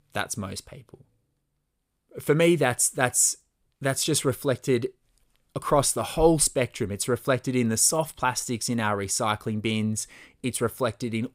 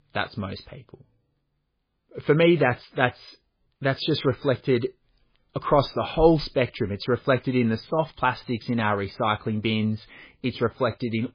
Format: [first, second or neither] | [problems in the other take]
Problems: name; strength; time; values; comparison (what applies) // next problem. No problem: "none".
first | garbled, watery; badly; nothing above 5 kHz